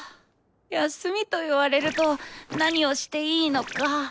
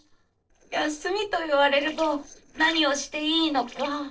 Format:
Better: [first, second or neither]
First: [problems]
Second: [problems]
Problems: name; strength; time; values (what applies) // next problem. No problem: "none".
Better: first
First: none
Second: noise reduction (neural separator model SepFormer DNS4)